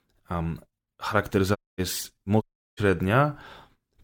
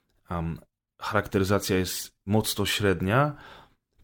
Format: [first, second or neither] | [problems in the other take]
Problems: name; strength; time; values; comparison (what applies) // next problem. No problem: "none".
second | audio cutting out; at 1.5 s and at 2.5 s